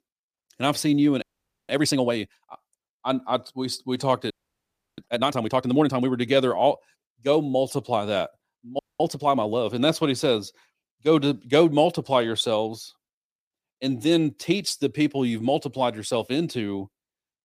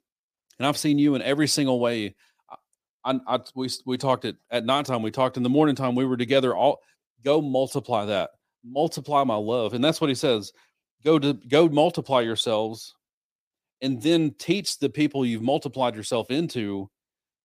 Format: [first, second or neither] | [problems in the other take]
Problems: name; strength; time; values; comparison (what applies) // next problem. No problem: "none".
second | audio freezing; at 1 s, at 4.5 s for 0.5 s and at 9 s